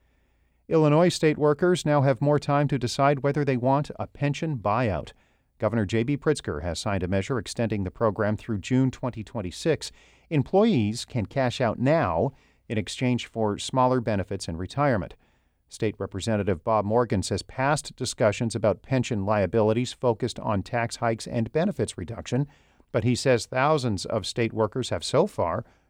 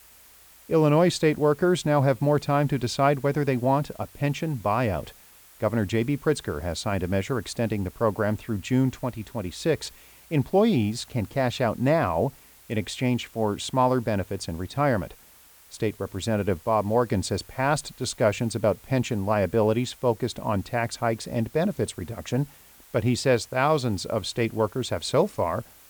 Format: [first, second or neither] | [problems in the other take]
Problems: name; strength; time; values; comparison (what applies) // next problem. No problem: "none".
first | hiss; faint; throughout; 25 dB below the speech